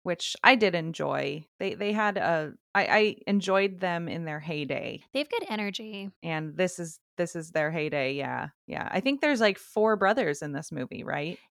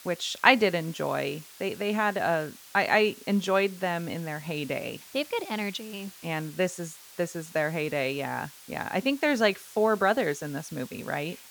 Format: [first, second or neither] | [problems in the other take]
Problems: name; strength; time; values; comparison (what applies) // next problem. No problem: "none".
first | hiss; noticeable; throughout; 20 dB below the speech